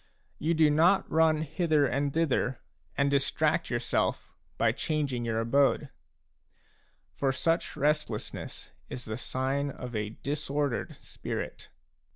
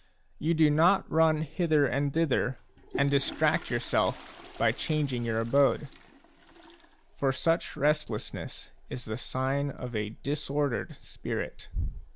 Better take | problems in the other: first | background sound (Toilet flush); 15 dB below the speech

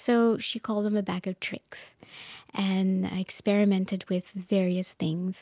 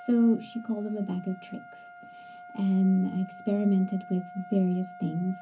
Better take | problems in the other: first | background sound (Trumpet); 18 dB below the speech // room echo; dies away in 0.4 s

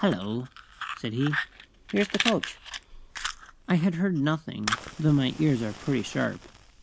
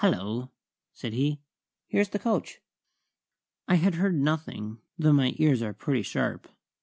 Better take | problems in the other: second | background sound (Fire); 9 dB below the speech

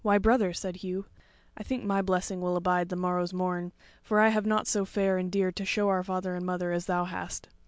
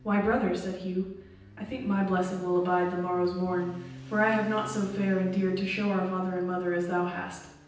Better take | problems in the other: first | background sound (Motorcycle); 19 dB below the speech // room echo; dies away in 0.9 s

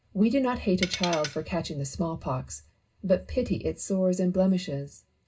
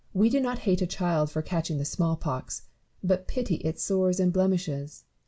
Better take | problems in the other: second | background sound (Tools); 7 dB below the speech // room echo; dies away in 0.2 s

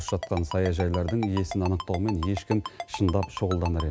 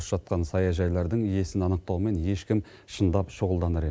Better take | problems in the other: second | background sound (Ringtone); 11 dB below the speech

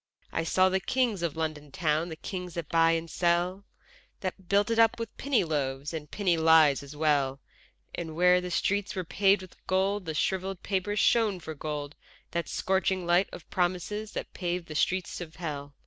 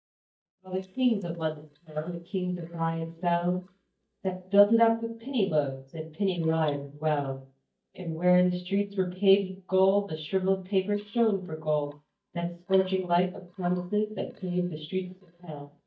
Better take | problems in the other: first | noise reduction (neural mask model DeepFilterNet 3)

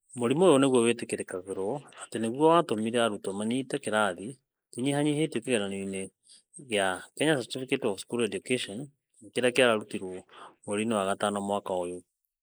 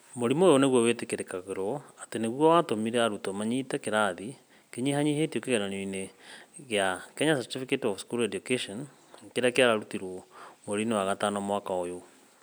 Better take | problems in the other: second | noise reduction (neural mask model Resemble Enhance denoiser)

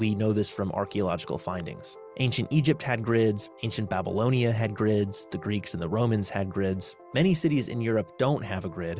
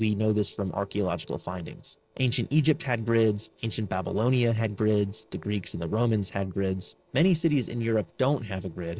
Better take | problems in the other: first | noise reduction (neural separator model SepFormer DNS4)

